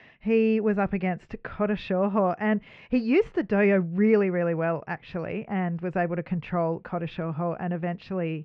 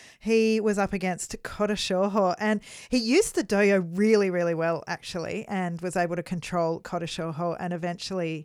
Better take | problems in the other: second | muffled; very; fading above 3 kHz

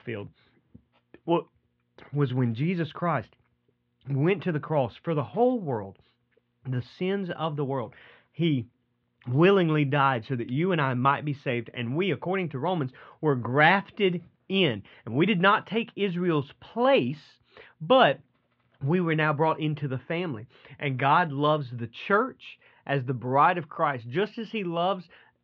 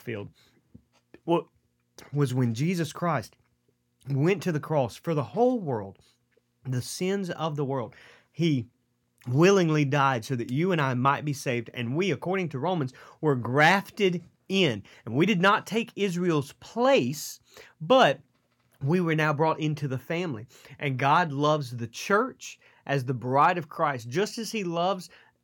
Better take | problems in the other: second | muffled; very; fading above 3.5 kHz

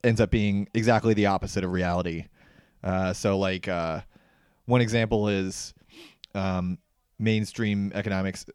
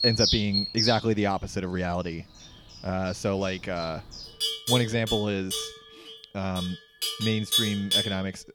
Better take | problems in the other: first | animal sounds; very loud; throughout; 2 dB above the speech

